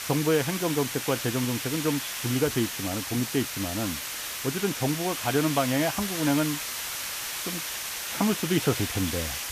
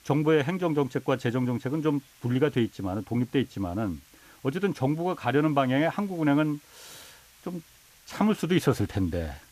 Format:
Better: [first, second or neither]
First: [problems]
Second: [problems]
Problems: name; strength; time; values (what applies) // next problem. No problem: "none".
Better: second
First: hiss; loud; throughout; 3 dB below the speech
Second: hiss; faint; throughout; 25 dB below the speech